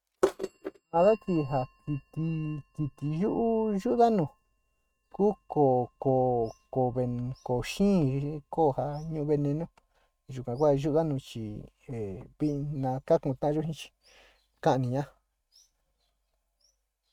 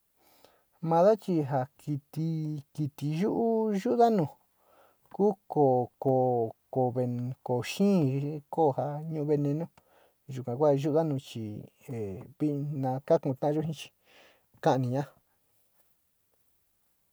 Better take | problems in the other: second | noise reduction (neural mask model RNNoise)

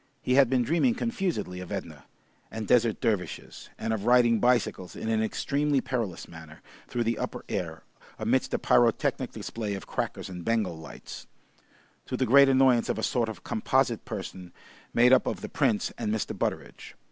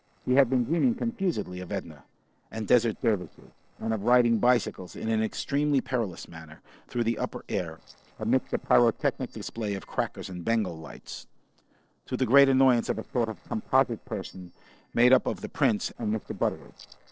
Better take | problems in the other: first | noise reduction (neural separator model SepFormer DNS4)

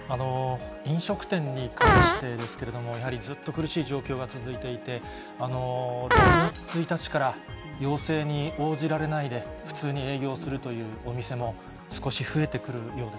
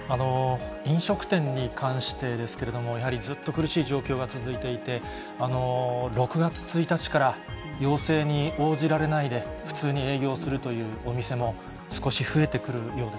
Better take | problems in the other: second | background sound (Fart); 4 dB above the speech

